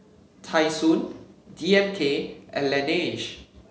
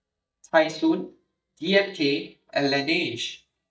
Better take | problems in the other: first | noise reduction (neural mask model DeepFilterNet 3)

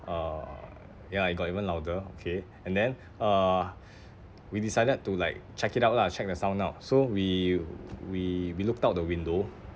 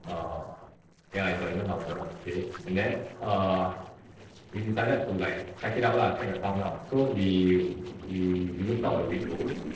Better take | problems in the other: first | noise reduction (neural separator model SepFormer DNS4)

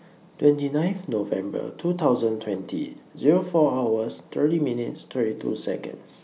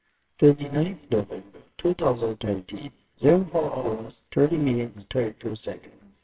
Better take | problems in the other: first | noise reduction (neural separator model SepFormer WHAMR!)

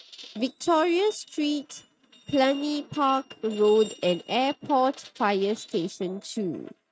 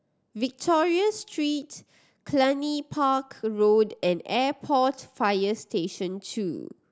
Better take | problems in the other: second | noise reduction (neural mask model RNNoise)

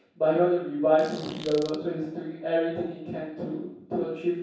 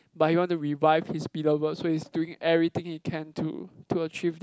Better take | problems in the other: second | background sound (Fart); 17 dB below the speech // room echo; dies away in 0.7 s

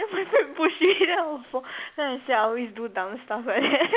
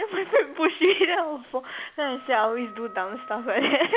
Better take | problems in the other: first | background sound (Wind instrument, woodwind instrument); 18 dB below the speech

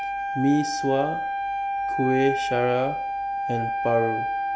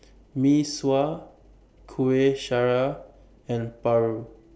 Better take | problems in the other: second | background sound (Wind instrument, woodwind instrument); 1 dB below the speech

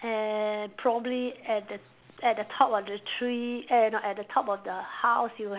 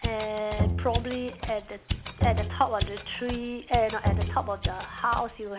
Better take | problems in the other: first | background sound (Mechanisms + Bowed string instrument); 1 dB below the speech

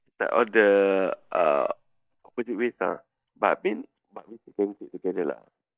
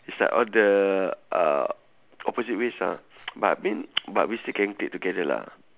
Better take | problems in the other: second | noise reduction (neural mask model DeepFilterNet 3)

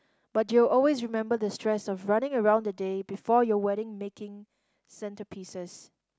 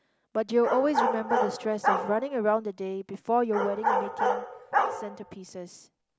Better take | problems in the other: first | background sound (Bark); 1 dB below the speech

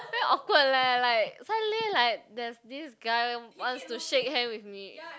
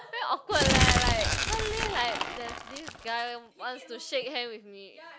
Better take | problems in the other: first | background sound (Crumpling, crinkling); 4 dB above the speech

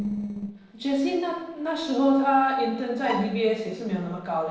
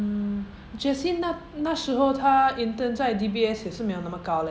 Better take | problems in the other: second | noise reduction (neural separator model SepFormer DNS4)

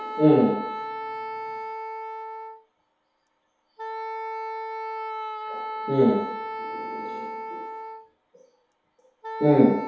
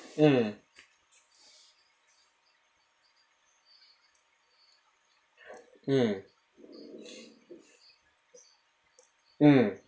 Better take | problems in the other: second | background sound (Wind instrument, woodwind instrument); 7 dB below the speech // room echo; dies away in 0.8 s

